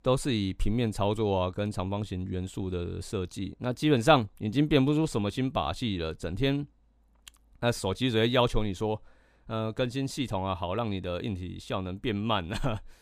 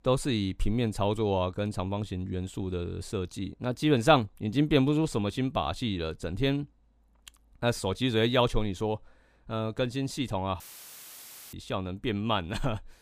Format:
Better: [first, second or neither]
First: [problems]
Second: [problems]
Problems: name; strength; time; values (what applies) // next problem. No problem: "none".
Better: first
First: none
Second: audio cutting out; filled with static; at 11 s for 1 s